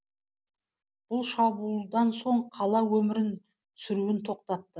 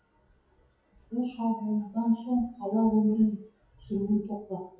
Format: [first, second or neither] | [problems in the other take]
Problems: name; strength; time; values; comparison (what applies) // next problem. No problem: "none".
first | noise reduction (classical method WPE with log-MMSE)